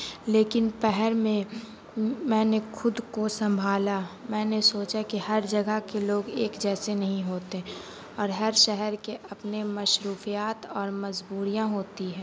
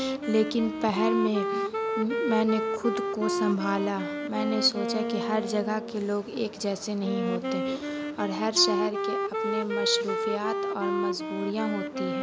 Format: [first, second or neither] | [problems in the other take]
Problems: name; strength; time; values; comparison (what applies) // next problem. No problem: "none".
first | background sound (Wind instrument, woodwind instrument); 1 dB below the speech